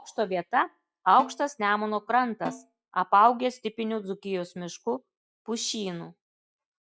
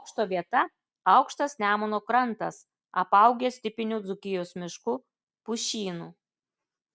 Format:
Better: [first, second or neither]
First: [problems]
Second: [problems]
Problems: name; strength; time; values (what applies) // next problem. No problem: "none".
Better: second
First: noise reduction (classical method log-MMSE)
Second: none